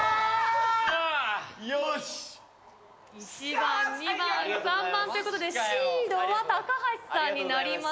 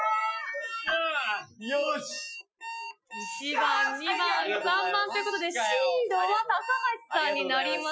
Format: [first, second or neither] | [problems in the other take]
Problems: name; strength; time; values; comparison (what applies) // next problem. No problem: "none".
first | noise reduction (classical method Wiener filter)